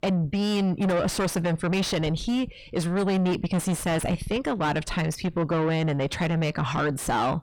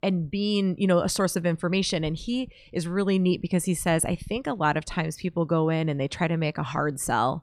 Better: second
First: distortion; heavy; 6 dB below the speech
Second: none

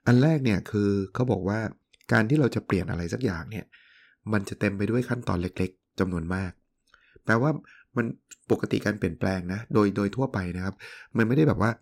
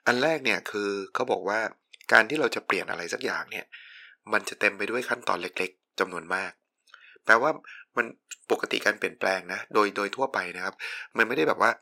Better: first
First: none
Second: thin; very; fading below 650 Hz

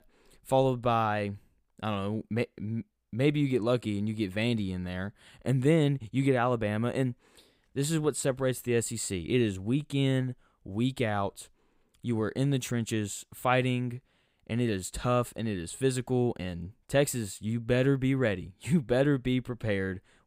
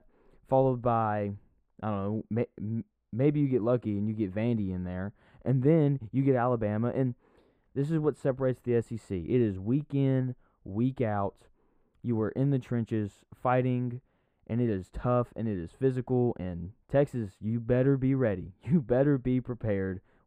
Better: first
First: none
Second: muffled; very; fading above 2.5 kHz

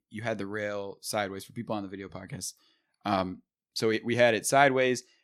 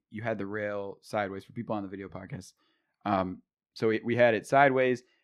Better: first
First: none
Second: muffled; slightly; fading above 4 kHz

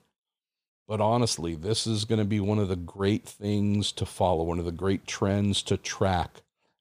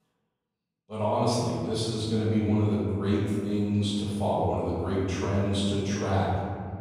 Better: first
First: none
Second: room echo; strong; dies away in 2.2 s // off-mic speech; far

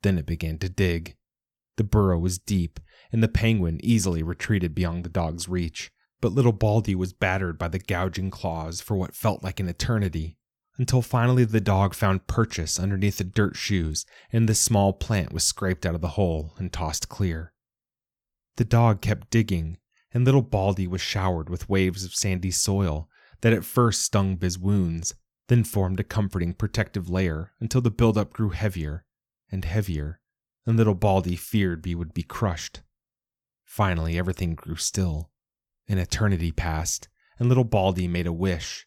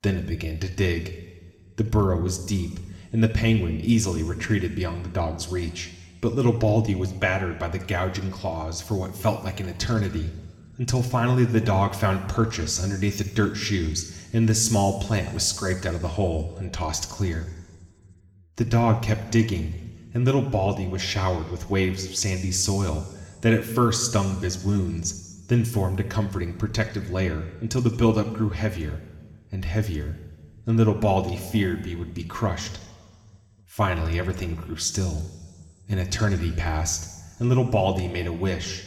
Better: first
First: none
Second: room echo; slight; dies away in 1.4 s

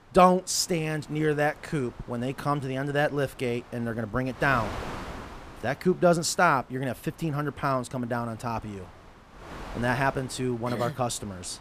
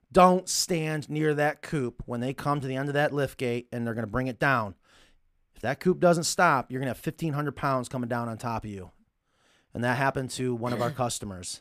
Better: second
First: wind noise on the microphone; occasional gusts; 15 dB below the speech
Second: none

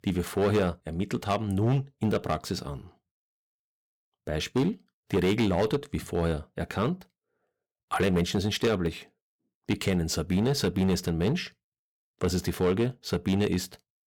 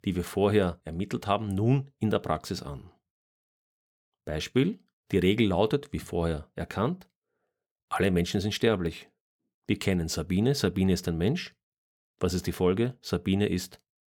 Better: second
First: distortion; slight; 6% of the sound clipped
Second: none

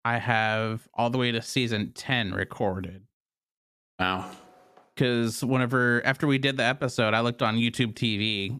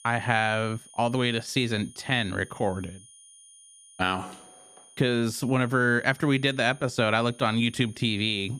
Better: first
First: none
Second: high-pitched whine; faint; throughout; 9.5 kHz, 25 dB below the speech

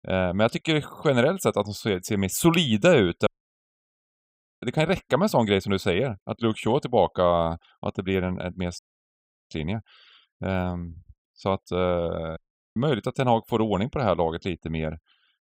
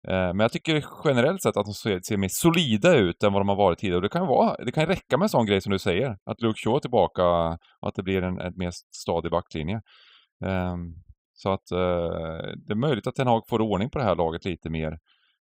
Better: second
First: audio cutting out; at 3.5 s for 1.5 s, at 9 s for 0.5 s and at 12 s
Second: none

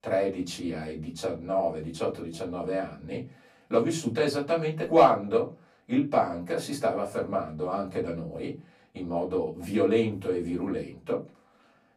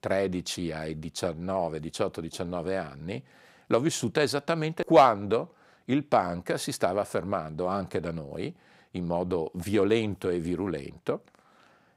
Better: second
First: off-mic speech; far // room echo; very slight; dies away in 0.2 s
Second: none

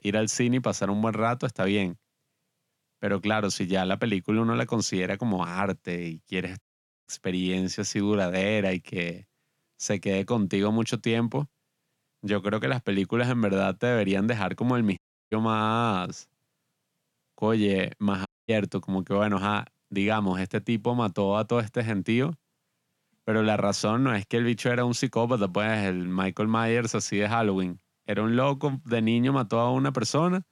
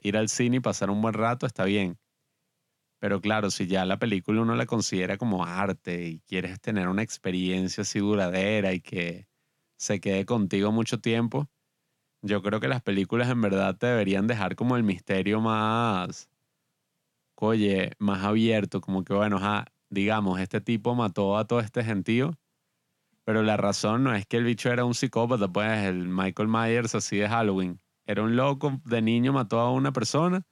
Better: second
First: audio cutting out; at 6.5 s, at 15 s and at 18 s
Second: none

